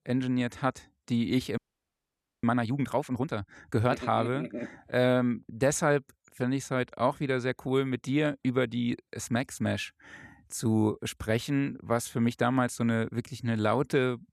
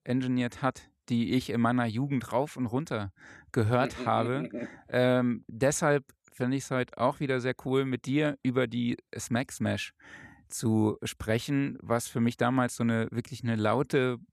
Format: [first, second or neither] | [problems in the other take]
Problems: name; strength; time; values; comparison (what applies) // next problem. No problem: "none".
second | audio freezing; at 1.5 s for 1 s